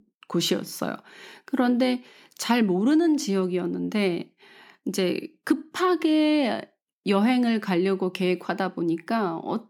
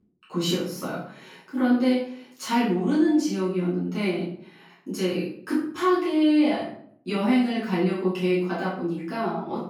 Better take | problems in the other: first | off-mic speech; far // room echo; noticeable; dies away in 0.5 s

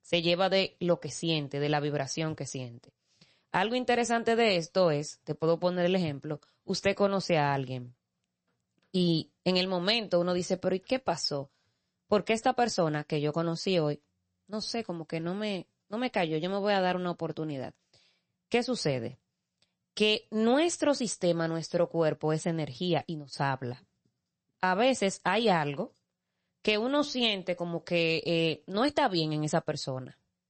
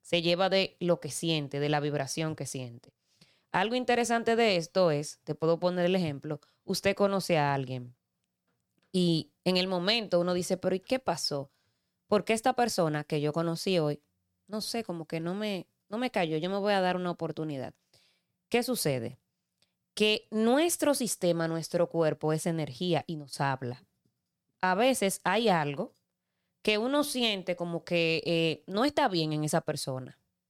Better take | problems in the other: second | garbled, watery; slightly; nothing above 8 kHz

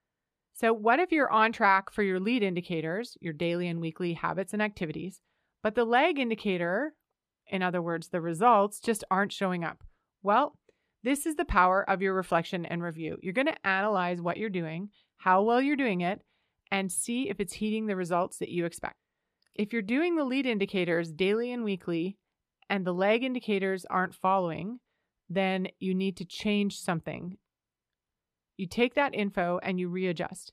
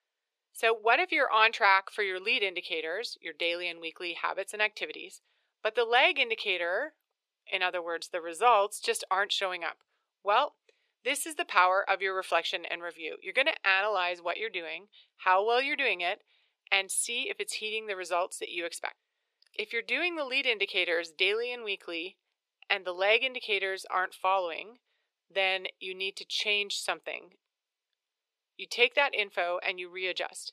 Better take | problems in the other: first | thin; very; fading below 450 Hz

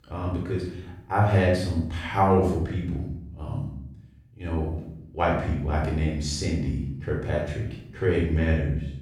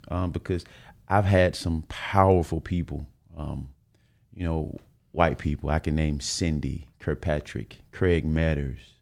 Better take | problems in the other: second | off-mic speech; far // room echo; noticeable; dies away in 0.7 s

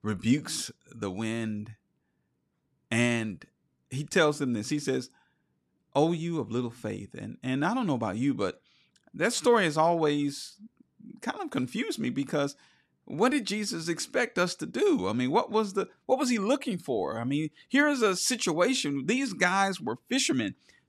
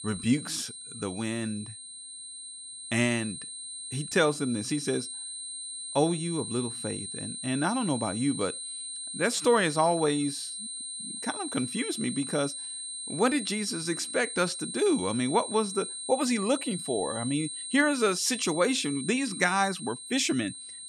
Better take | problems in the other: first | high-pitched whine; loud; throughout; 8.5 kHz, 7 dB below the speech

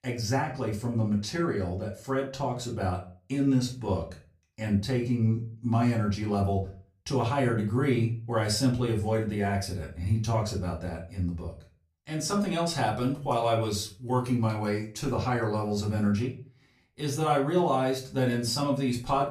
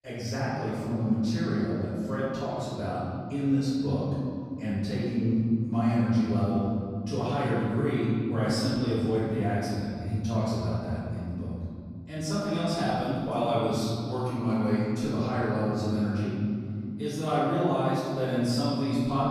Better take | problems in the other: first | room echo; strong; dies away in 3 s; slight in the first // off-mic speech; far; far in the first

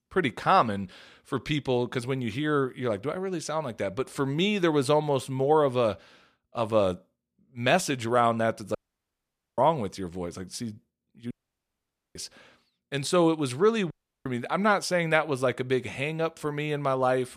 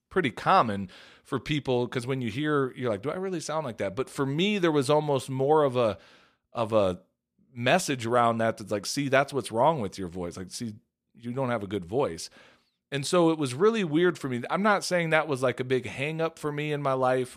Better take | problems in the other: second | audio cutting out; at 9 s for 1 s, at 11 s for 1 s and at 14 s

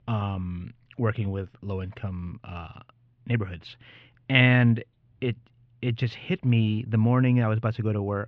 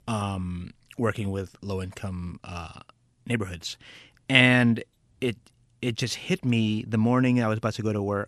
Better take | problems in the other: second | muffled; slightly; fading above 3 kHz

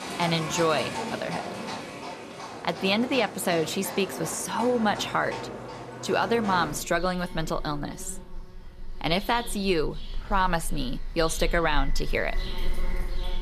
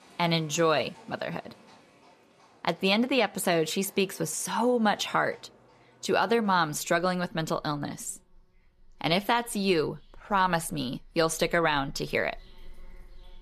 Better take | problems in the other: second | animal sounds; loud; throughout; 9 dB below the speech; faint in the second

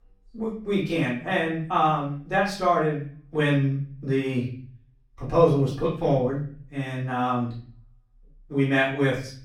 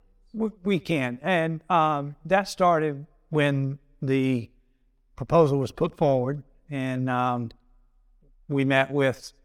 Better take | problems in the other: second | room echo; noticeable; dies away in 0.5 s // off-mic speech; far

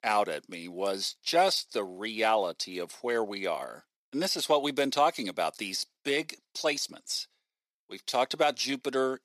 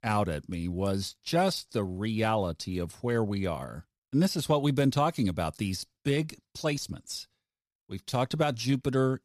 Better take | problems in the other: second | thin; somewhat; fading below 350 Hz

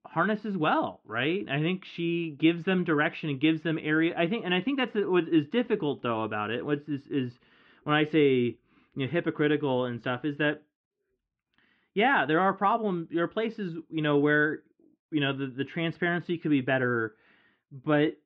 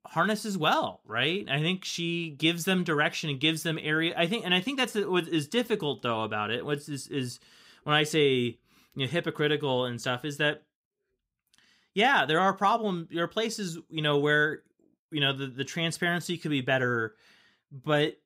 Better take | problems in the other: second | muffled; very; fading above 2.5 kHz

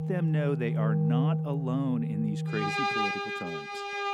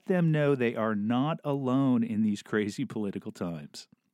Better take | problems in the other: second | background music; very loud; throughout; 3 dB above the speech

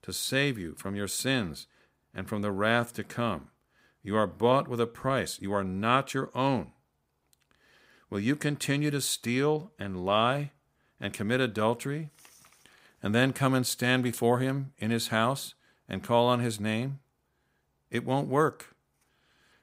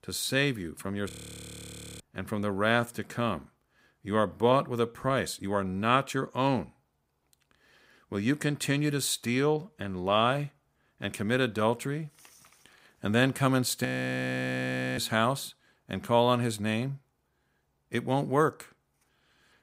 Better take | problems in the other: first | audio freezing; at 1 s for 1 s and at 14 s for 1 s

